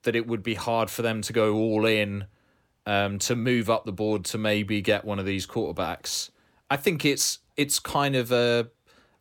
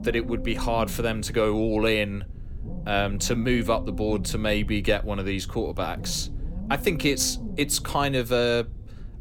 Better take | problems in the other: first | low rumble; noticeable; throughout; 20 dB below the speech

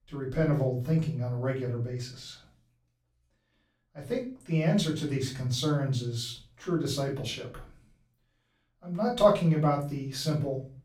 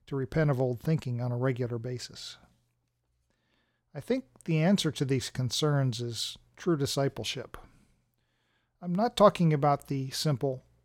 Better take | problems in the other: second | off-mic speech; far // room echo; slight; dies away in 0.3 s

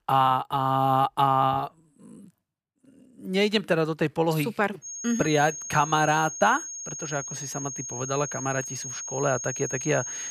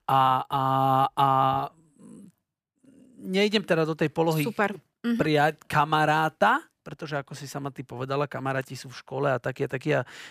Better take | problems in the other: second | high-pitched whine; loud; from 5 s on; 6.5 kHz, 8 dB below the speech

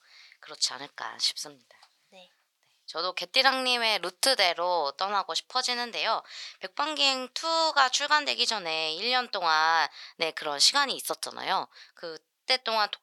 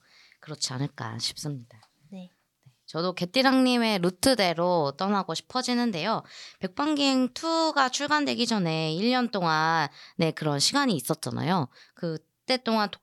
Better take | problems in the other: second | thin; very; fading below 700 Hz

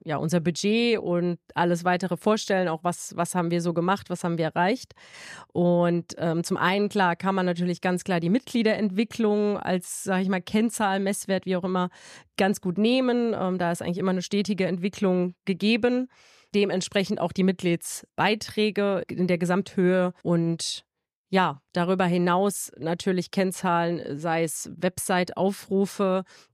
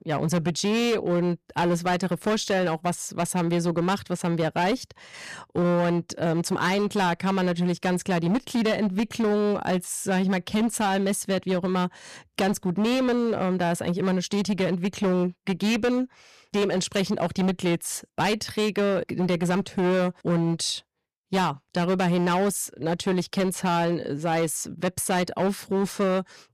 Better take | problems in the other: first | distortion; slight; 17% of the sound clipped

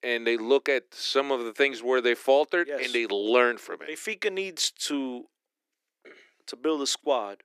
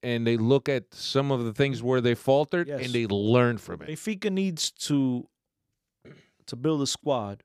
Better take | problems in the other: second | thin; somewhat; fading below 300 Hz

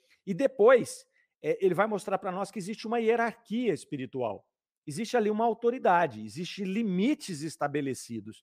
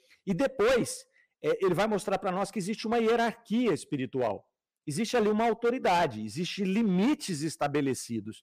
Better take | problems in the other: first | distortion; heavy; 11% of the sound clipped

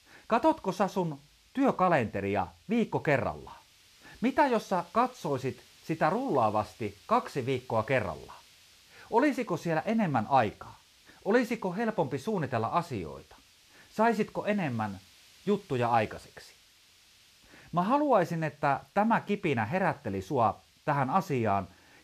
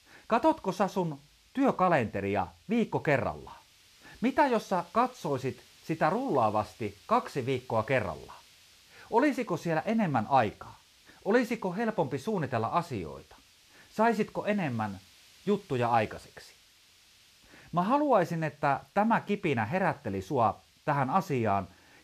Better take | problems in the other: neither | hiss; faint; throughout; 30 dB below the speech; the same in both

